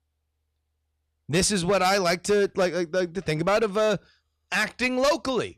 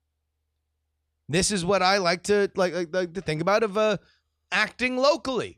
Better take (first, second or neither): second